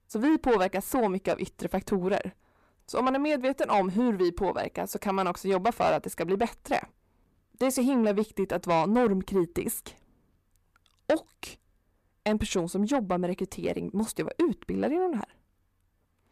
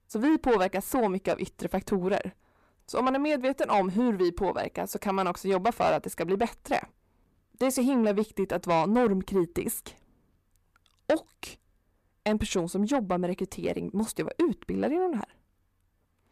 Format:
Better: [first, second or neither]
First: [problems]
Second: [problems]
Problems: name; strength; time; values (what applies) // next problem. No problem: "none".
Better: neither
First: distortion; slight; 10 dB below the speech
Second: distortion; slight; 10 dB below the speech